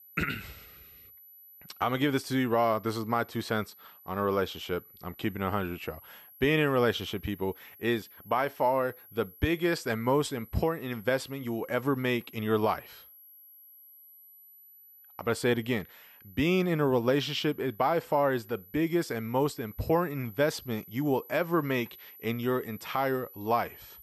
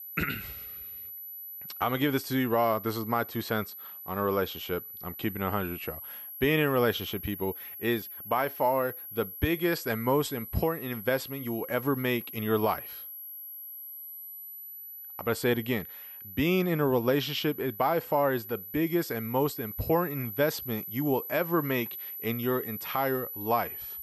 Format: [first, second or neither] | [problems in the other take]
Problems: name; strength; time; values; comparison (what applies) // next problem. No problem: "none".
first | high-pitched whine; loud; throughout; 12 kHz, 9 dB below the speech; faint in the first